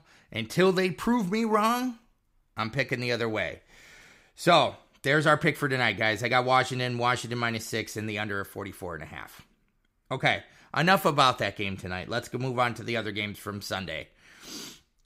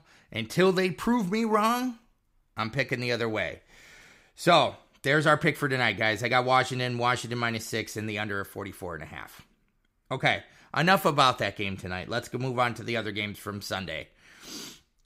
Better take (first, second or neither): neither